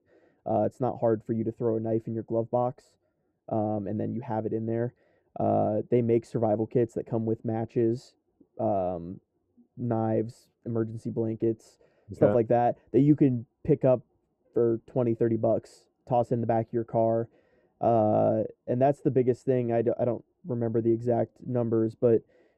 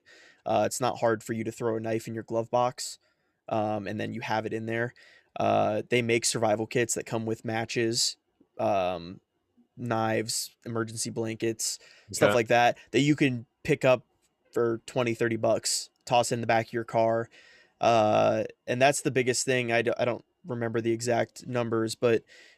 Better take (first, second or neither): second